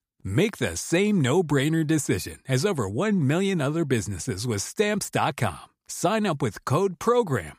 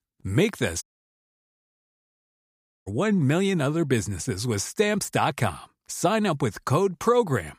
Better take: first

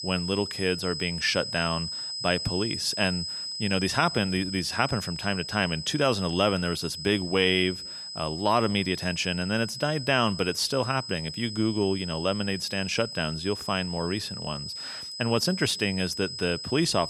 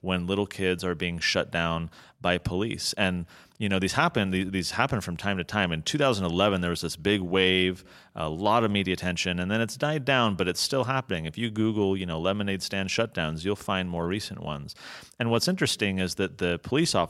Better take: second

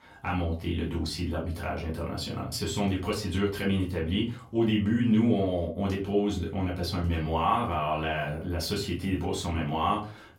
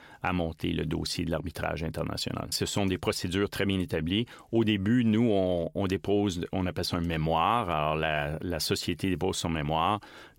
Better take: second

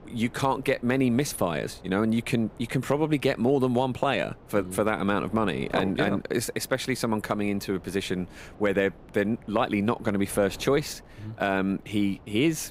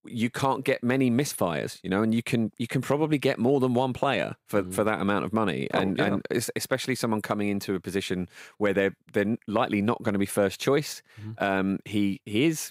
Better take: second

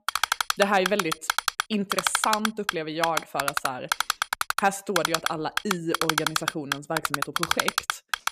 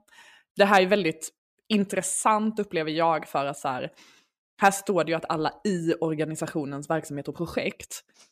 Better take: second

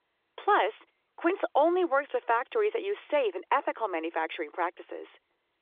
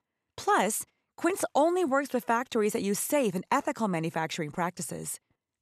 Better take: second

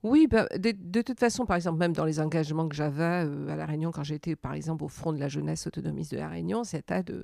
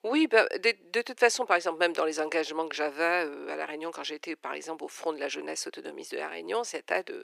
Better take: first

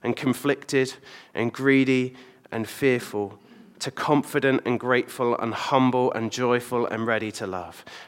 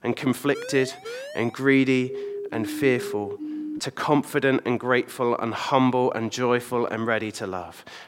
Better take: first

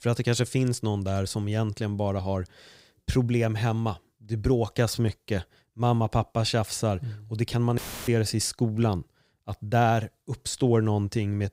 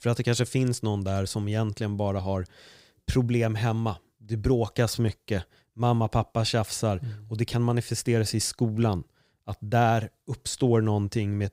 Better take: second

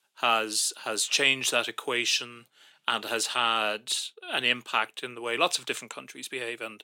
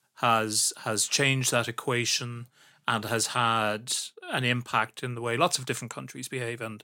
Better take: second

